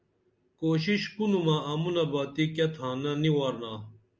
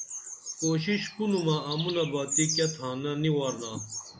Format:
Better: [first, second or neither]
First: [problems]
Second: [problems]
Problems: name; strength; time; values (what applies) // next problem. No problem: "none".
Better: first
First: none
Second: background sound (Bird vocalization, bird call, bird song); 7 dB below the speech